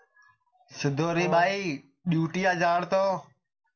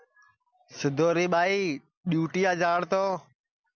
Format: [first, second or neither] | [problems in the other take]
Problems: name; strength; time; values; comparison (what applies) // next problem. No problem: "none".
second | background sound (Brass instrument); 8 dB below the speech // room echo; dies away in 0.3 s